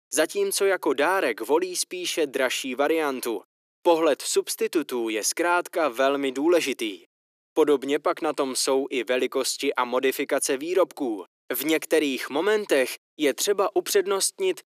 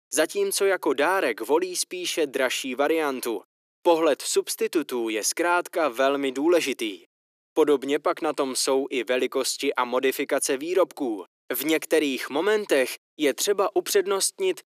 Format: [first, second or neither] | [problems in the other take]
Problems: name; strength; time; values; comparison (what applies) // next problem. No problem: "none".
neither | thin; somewhat; fading below 350 Hz; the same in both